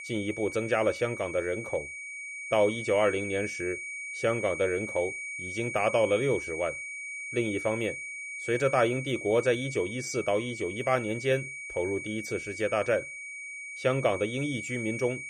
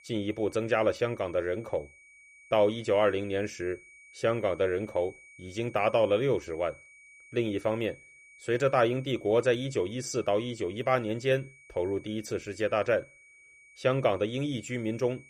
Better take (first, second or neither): second